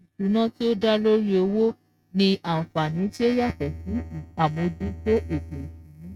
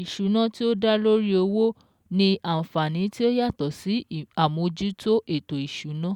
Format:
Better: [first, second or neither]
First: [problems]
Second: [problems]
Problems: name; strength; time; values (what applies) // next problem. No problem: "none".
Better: second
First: noise reduction (neural mask model RNNoise)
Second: none